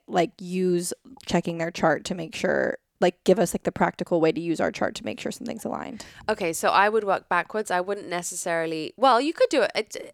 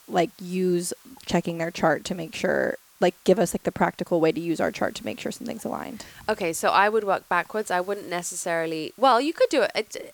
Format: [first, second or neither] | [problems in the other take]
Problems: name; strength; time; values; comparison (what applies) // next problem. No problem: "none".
first | hiss; faint; throughout; 25 dB below the speech